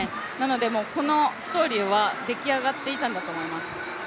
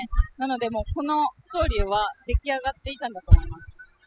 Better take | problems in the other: first | noise reduction (classical method spectral subtraction)

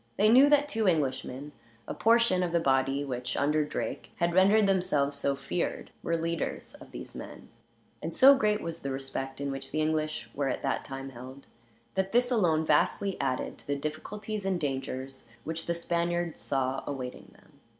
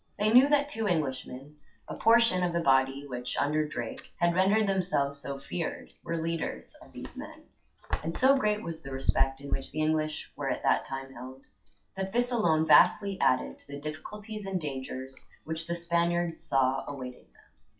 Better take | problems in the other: first | noise reduction (classical method WPE with log-MMSE)

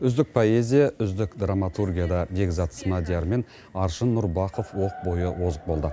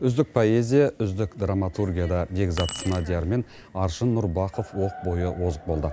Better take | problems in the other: first | background sound (Keys jangling); 13 dB below the speech

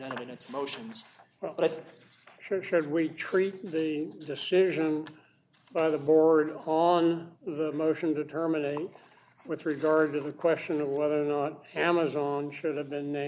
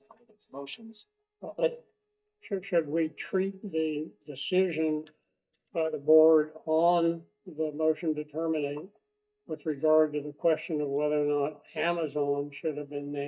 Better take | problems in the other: first | noise reduction (neural mask model DeepFilterNet 3)

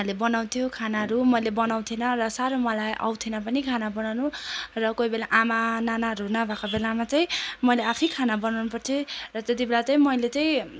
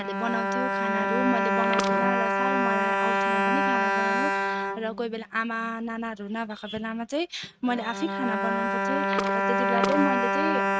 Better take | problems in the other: first | noise reduction (neural mask model RNNoise)

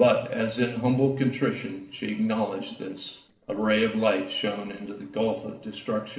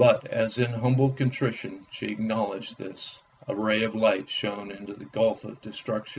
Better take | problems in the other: second | noise reduction (neural separator model SepFormer DNS4)

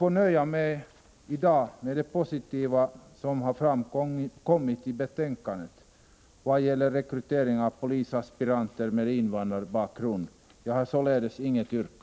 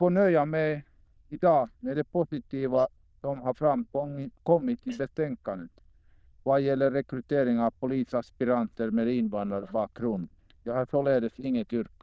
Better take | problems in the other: first | noise reduction (neural diffusion model UNIVERSE++)

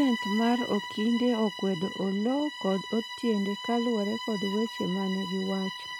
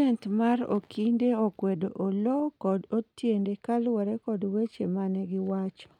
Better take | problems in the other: second | background sound (Bowed string instrument); 10 dB below the speech

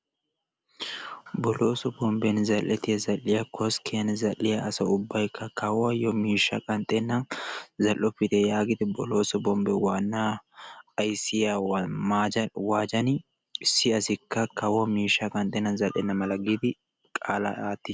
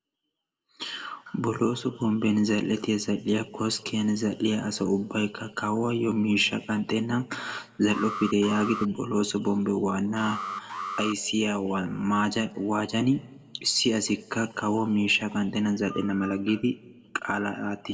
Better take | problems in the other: first | background sound (Alarm); 9 dB below the speech // room echo; dies away in 0.7 s

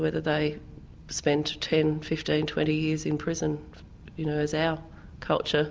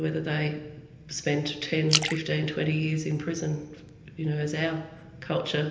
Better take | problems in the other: first | background sound (Splash, splatter); 4 dB below the speech // room echo; dies away in 1.4 s

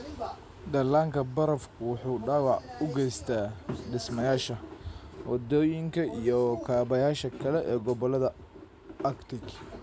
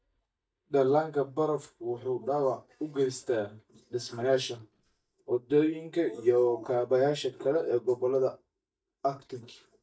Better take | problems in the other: first | noise reduction (neural mask model DeepFilterNet 3)

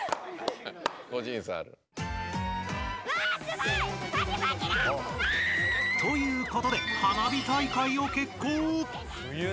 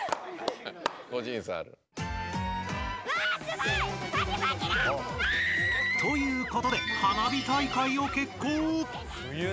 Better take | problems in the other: second | background sound (Chicken, rooster); 17 dB below the speech

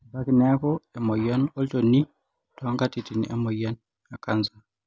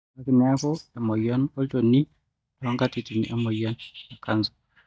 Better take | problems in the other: first | noise reduction (neural mask model DeepFilterNet 3)

